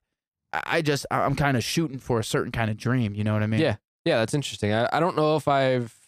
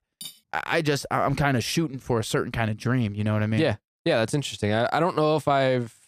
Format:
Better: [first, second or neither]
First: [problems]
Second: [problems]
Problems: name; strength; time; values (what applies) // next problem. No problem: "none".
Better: first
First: none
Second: clattering dishes; faint; at the start; peak 15 dB below the speech